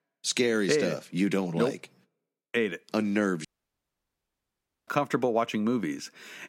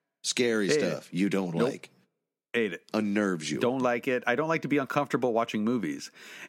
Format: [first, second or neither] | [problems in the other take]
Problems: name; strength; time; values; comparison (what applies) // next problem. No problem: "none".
second | audio cutting out; at 3.5 s for 1.5 s